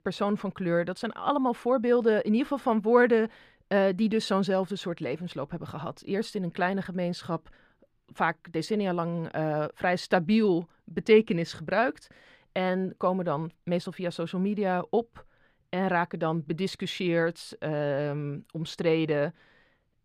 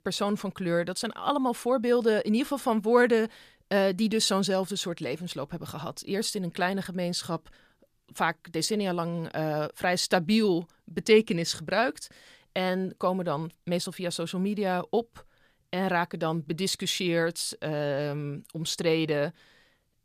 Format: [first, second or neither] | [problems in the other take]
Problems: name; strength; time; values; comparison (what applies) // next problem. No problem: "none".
second | muffled; slightly; fading above 4 kHz